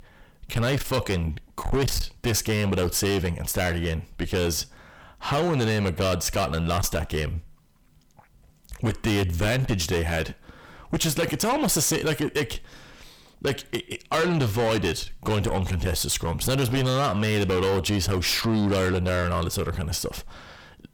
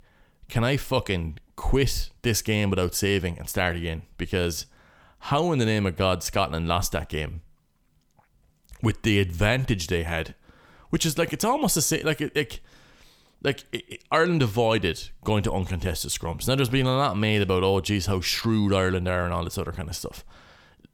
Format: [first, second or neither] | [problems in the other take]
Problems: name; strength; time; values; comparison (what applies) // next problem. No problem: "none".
second | distortion; heavy; 7 dB below the speech